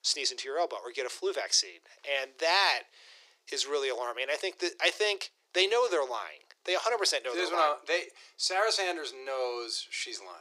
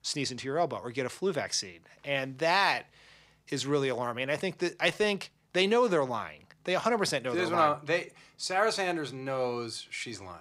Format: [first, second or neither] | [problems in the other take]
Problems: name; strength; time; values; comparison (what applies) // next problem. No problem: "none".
second | thin; very; fading below 350 Hz